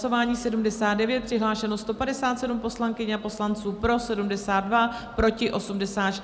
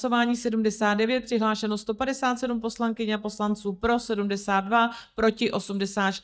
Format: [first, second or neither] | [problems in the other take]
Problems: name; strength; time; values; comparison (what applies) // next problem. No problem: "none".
first | noise reduction (neural mask model DeepFilterNet 3)